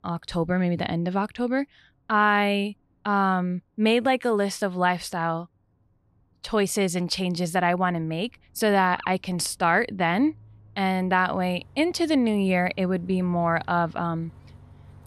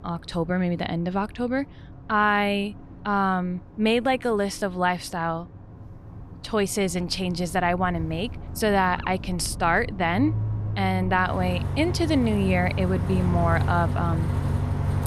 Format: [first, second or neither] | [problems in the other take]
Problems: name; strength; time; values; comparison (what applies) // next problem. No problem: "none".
first | traffic noise; loud; throughout; 4 dB below the speech; faint in the first